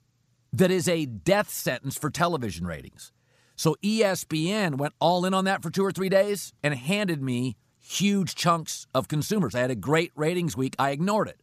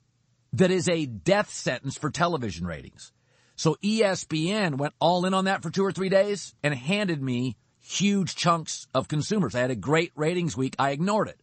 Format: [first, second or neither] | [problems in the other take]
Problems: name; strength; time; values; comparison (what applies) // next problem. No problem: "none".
first | garbled, watery; slightly; nothing above 8 kHz